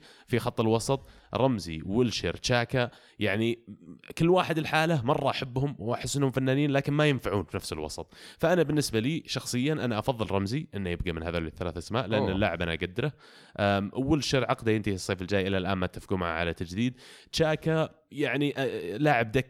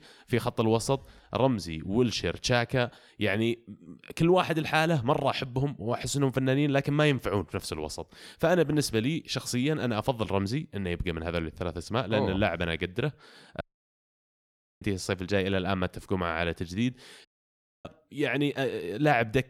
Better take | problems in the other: first | audio cutting out; at 14 s for 1 s and at 17 s for 0.5 s

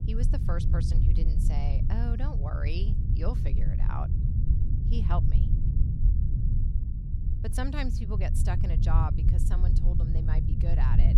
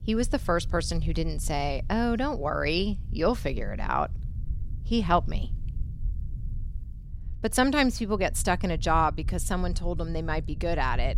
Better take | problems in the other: second | low rumble; loud; throughout; 3 dB below the speech; faint in the second

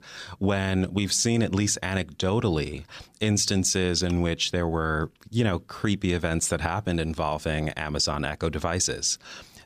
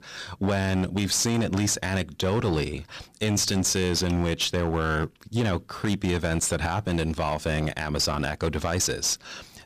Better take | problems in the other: first | distortion; slight; 14% of the sound clipped

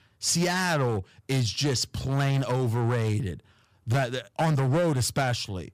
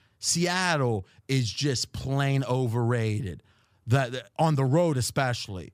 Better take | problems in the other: second | distortion; slight; 11% of the sound clipped

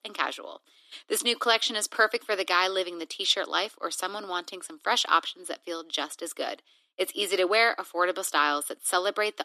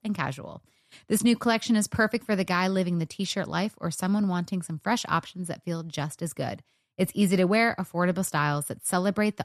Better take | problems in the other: second | thin; very; fading below 300 Hz

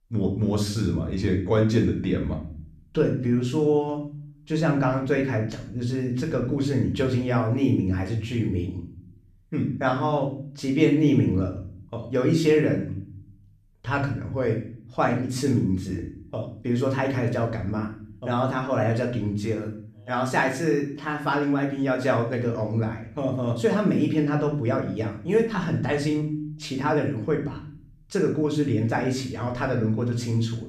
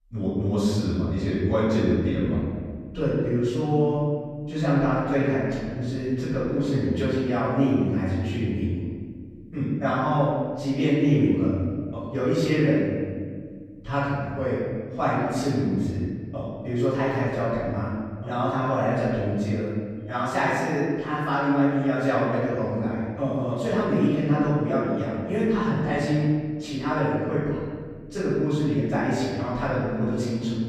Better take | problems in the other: first | room echo; strong; dies away in 1.8 s; slight in the first // off-mic speech; far; somewhat distant in the first

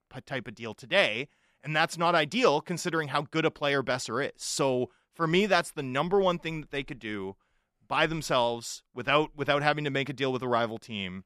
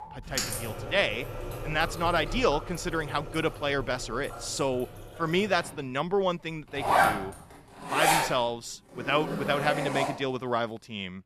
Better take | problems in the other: first | household noises; loud; throughout; 2 dB below the speech

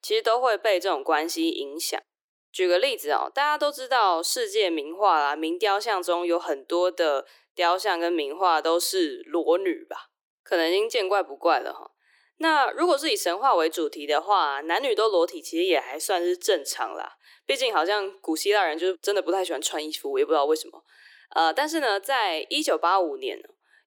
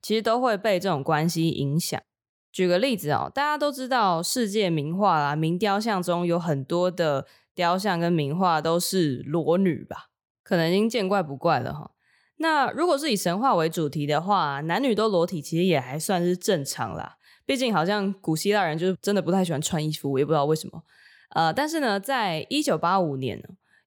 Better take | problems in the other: second | thin; very; fading below 300 Hz

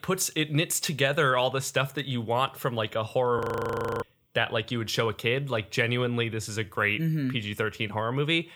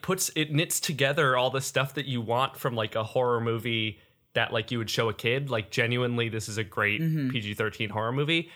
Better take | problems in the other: second | audio freezing; at 3.5 s for 0.5 s

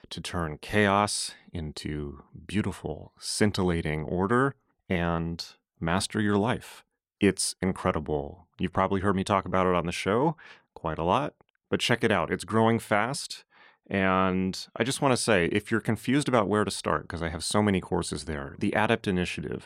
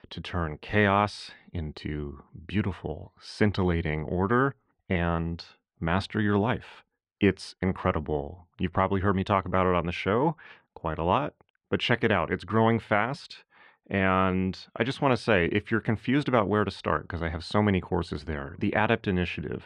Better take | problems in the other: first | muffled; slightly; fading above 3 kHz

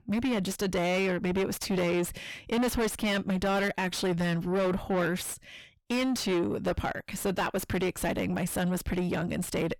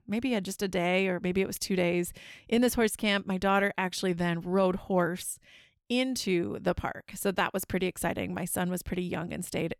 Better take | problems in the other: second | distortion; heavy; 5 dB below the speech

